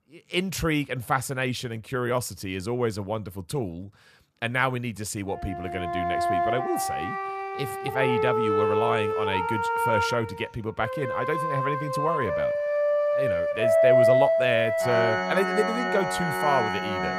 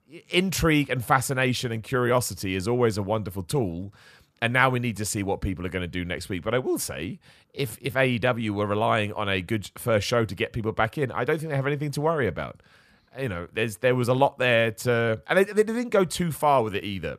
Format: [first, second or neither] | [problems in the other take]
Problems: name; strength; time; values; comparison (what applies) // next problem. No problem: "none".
second | background music; very loud; from 6 s on; 3 dB above the speech